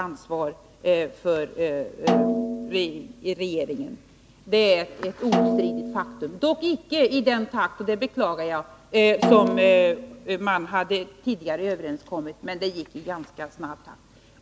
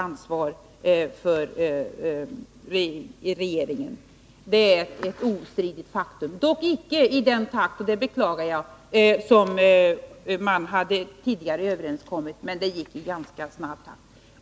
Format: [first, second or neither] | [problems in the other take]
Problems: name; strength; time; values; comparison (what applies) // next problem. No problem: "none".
second | background sound (Snare drum); 3 dB below the speech